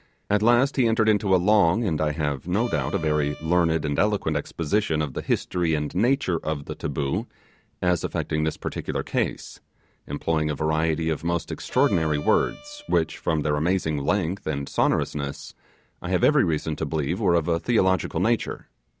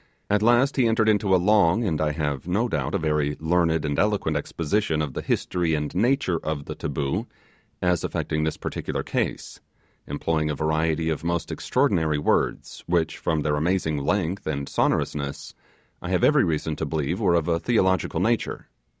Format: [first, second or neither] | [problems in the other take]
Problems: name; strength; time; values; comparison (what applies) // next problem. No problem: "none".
second | background sound (Bowed string instrument); 17 dB below the speech